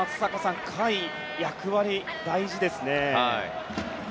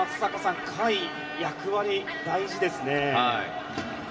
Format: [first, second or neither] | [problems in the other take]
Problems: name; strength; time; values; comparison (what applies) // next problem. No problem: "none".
first | background sound (Wind instrument, woodwind instrument); 18 dB below the speech // room echo; dies away in 1.7 s